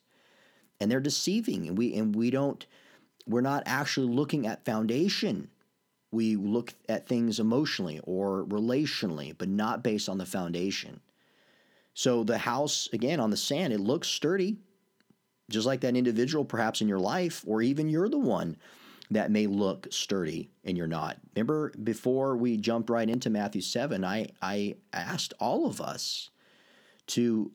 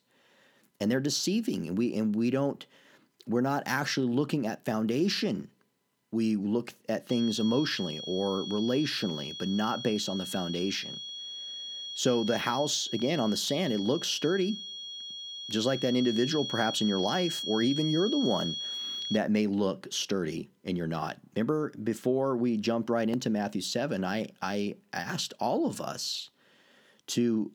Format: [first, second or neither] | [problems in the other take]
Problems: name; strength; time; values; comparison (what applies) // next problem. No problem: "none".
first | high-pitched whine; loud; from 7 to 19 s; 3.5 kHz, 6 dB below the speech